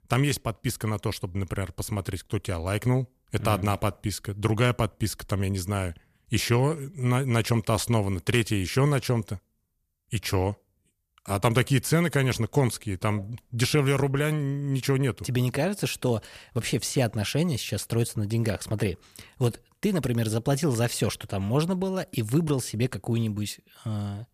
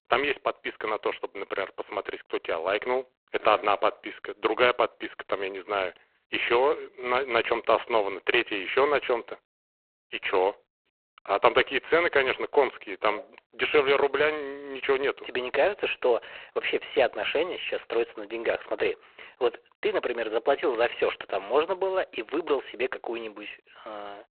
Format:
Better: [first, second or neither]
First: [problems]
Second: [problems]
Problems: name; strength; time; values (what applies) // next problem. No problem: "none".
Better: first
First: none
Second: phone-call audio; poor line